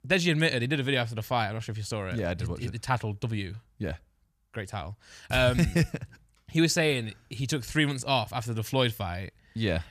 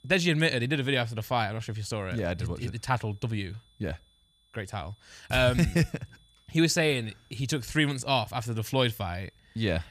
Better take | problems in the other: first | high-pitched whine; faint; throughout; 3.5 kHz, 35 dB below the speech

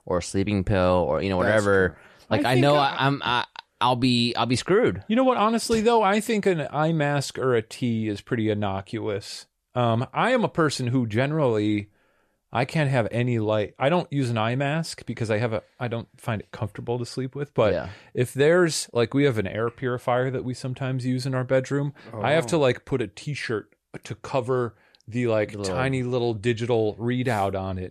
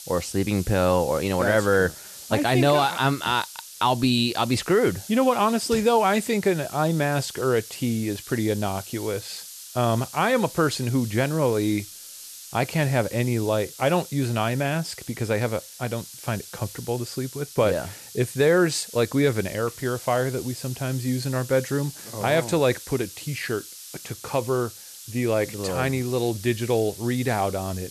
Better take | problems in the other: first | hiss; noticeable; throughout; 15 dB below the speech

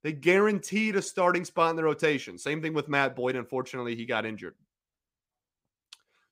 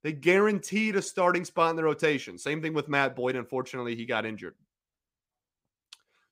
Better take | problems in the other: neither | none

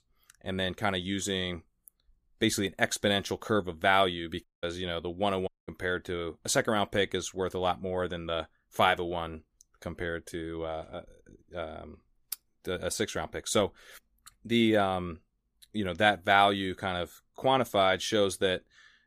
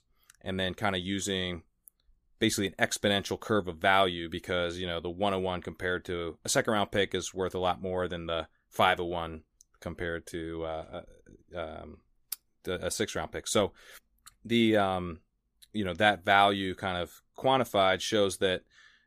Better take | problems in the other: second | audio cutting out; at 4.5 s and at 5.5 s

